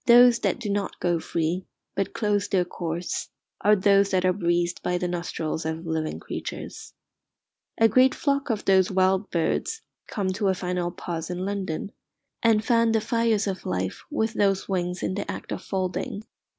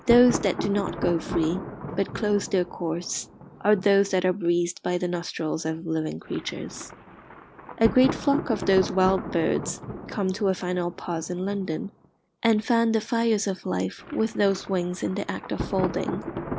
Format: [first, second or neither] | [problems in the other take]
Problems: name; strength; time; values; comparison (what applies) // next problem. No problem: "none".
first | background sound (Thunder); 11 dB below the speech